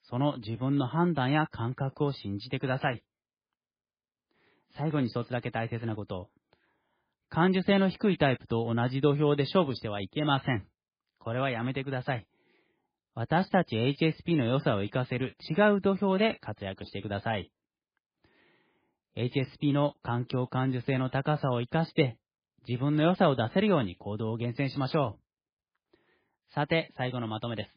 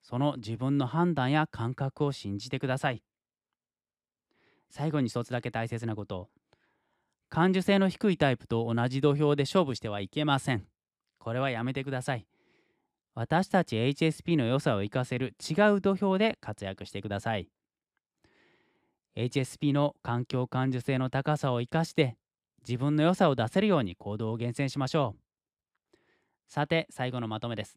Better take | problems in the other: second | garbled, watery; badly

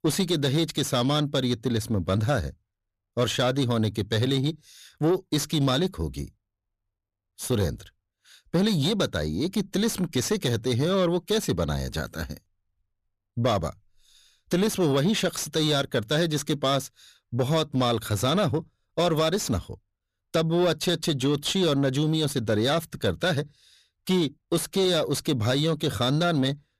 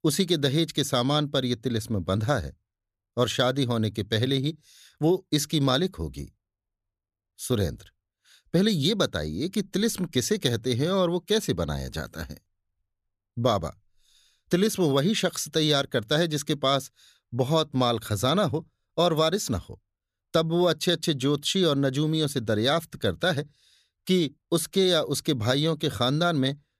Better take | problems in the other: second | distortion; slight; 10 dB below the speech

